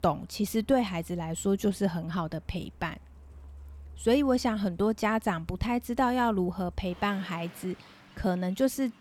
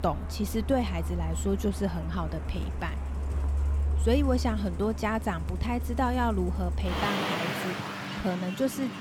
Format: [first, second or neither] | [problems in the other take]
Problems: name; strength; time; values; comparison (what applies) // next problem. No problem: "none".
first | traffic noise; loud; throughout; 2 dB below the speech; faint in the first